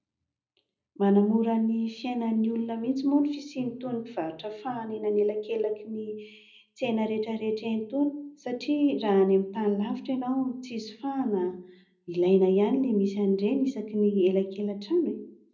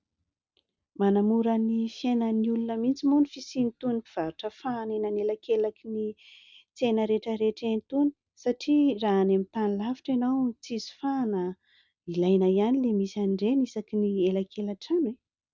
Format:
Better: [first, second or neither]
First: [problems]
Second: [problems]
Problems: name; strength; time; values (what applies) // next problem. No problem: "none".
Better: second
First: room echo; dies away in 0.5 s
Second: none